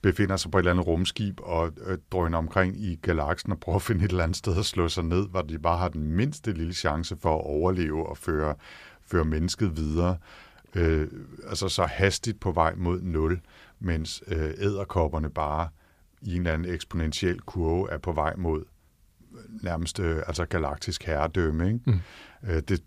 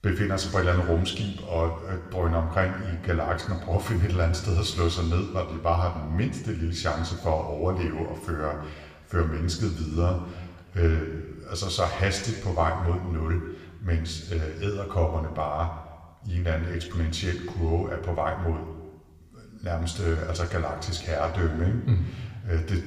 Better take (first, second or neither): first